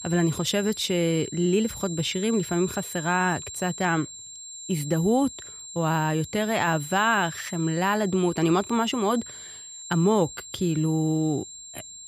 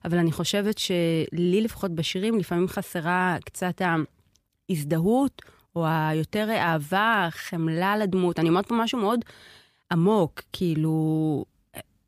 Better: second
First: high-pitched whine; noticeable; throughout; 7.5 kHz, 10 dB below the speech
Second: none

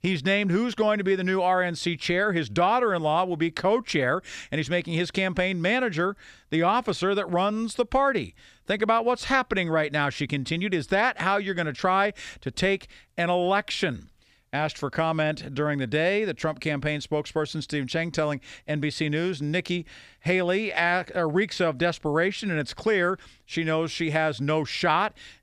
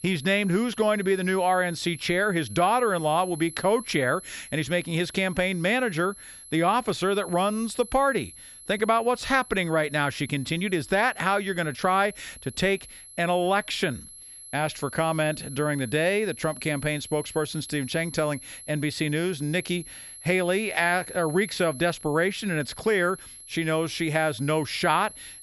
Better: first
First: none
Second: high-pitched whine; noticeable; throughout; 11 kHz, 15 dB below the speech

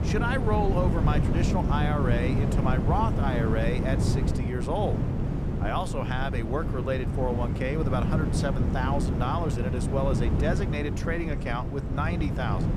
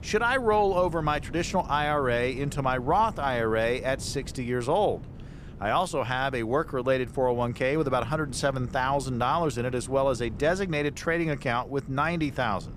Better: second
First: wind noise on the microphone; heavy; 5 dB below the speech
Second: wind noise on the microphone; occasional gusts; 25 dB below the speech

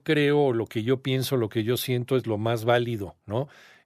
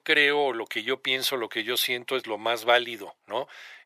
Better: first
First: none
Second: thin; very; fading below 550 Hz

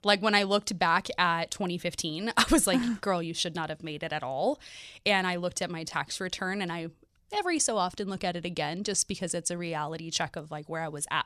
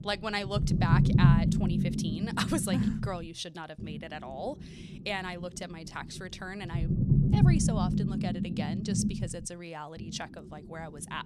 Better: first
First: none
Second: low rumble; loud; throughout; as loud as the speech

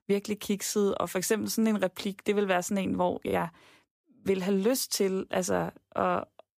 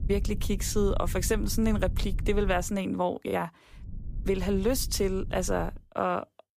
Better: first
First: none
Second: low rumble; faint; until 2.5 s and from 4 to 5.5 s; 20 dB below the speech

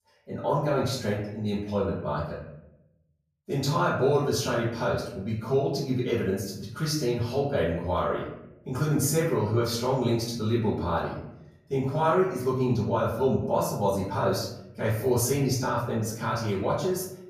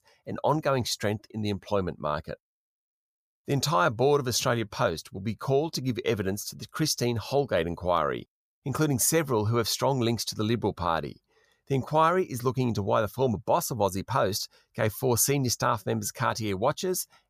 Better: second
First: off-mic speech; far // room echo; noticeable; dies away in 0.8 s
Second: none

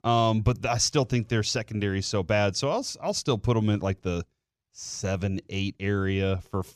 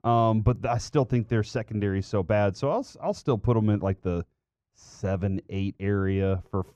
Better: first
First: none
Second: muffled; slightly; fading above 2 kHz

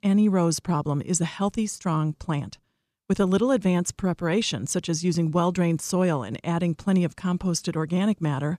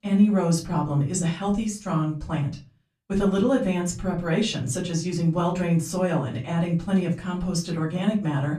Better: first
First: none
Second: off-mic speech; far // room echo; very slight; dies away in 0.3 s

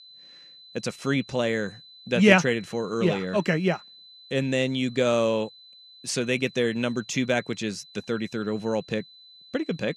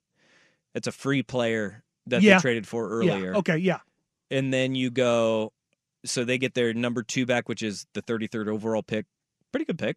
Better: second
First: high-pitched whine; faint; throughout; 4 kHz, 20 dB below the speech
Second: none

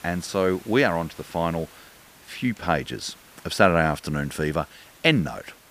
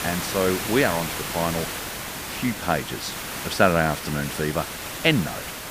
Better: first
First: hiss; faint; throughout; 25 dB below the speech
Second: hiss; loud; throughout; 5 dB below the speech

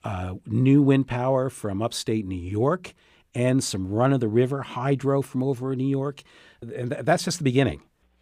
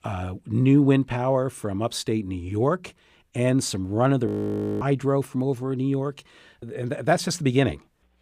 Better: first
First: none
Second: audio freezing; at 4.5 s for 0.5 s

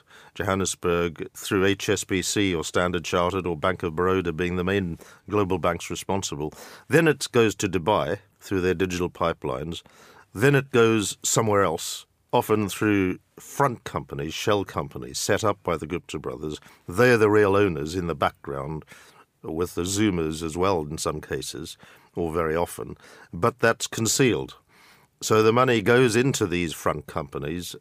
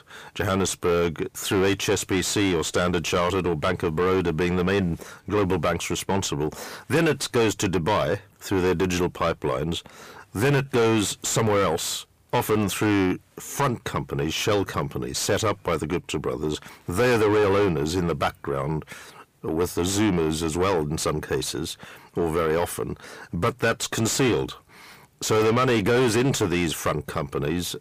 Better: first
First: none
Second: distortion; heavy; 7 dB below the speech

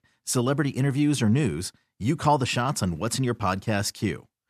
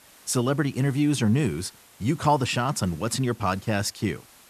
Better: first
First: none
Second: hiss; faint; throughout; 25 dB below the speech

